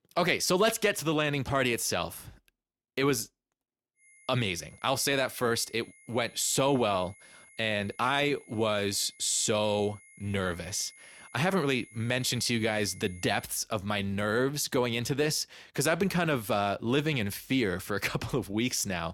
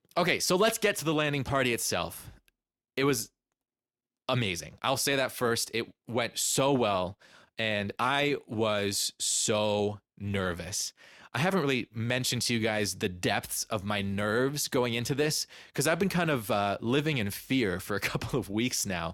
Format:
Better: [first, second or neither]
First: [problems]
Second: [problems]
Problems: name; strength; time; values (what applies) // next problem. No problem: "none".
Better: second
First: high-pitched whine; faint; from 4 to 13 s; 2 kHz, 25 dB below the speech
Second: none